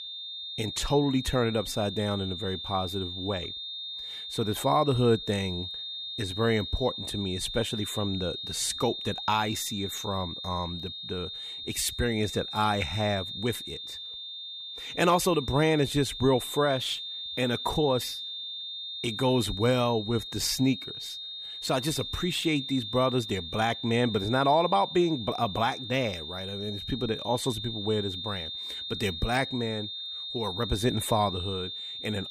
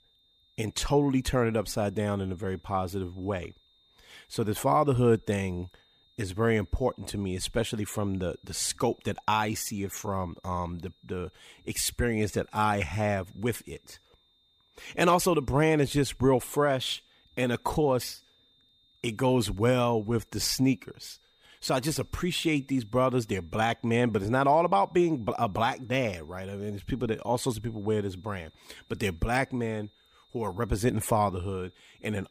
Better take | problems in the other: second | high-pitched whine; loud; throughout; 3.5 kHz, 6 dB below the speech; faint in the second

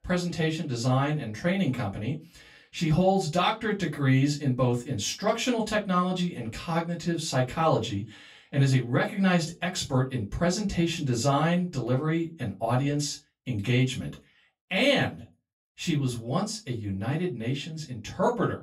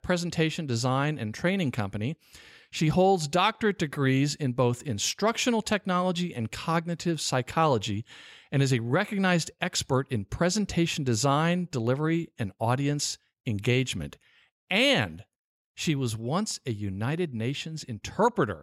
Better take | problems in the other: second | off-mic speech; far // room echo; very slight; dies away in 0.2 s

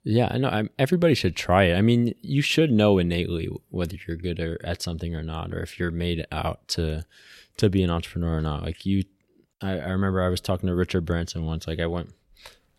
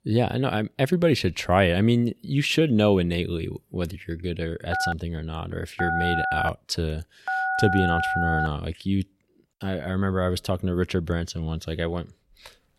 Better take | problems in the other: first | phone ringing; loud; from 4.5 to 8.5 s; peak 1 dB above the speech

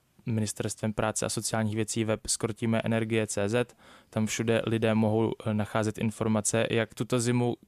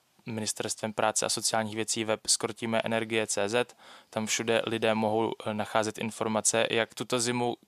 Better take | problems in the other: first | thin; somewhat; fading below 400 Hz

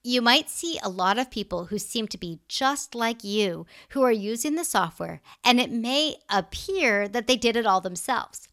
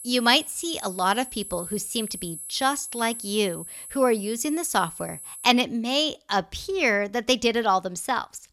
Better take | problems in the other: first | high-pitched whine; noticeable; until 5.5 s; 10.5 kHz, 10 dB below the speech

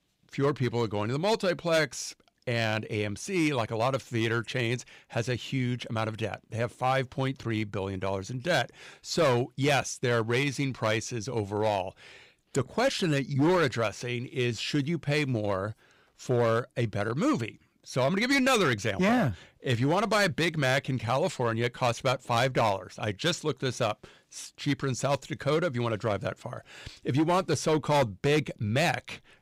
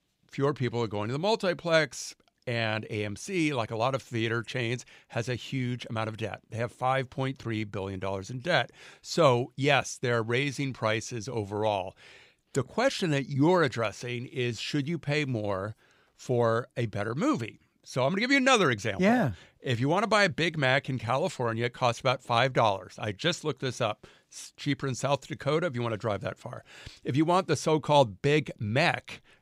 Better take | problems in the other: second | distortion; slight; 5% of the sound clipped

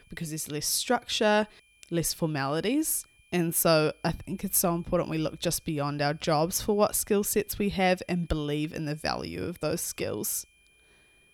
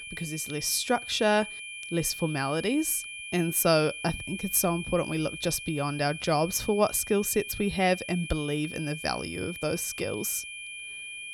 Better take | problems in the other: first | high-pitched whine; loud; throughout; 2.5 kHz, 10 dB below the speech; faint in the first

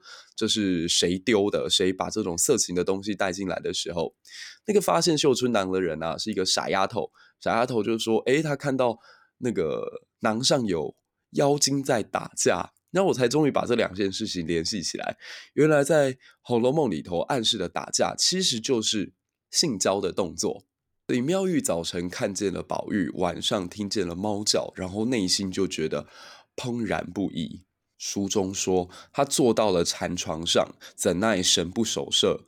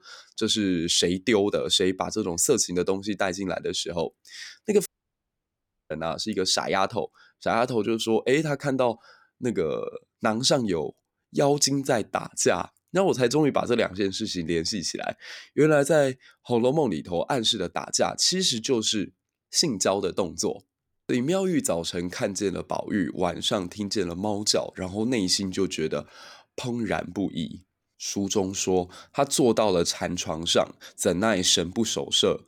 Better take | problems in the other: first | audio cutting out; at 5 s for 1 s

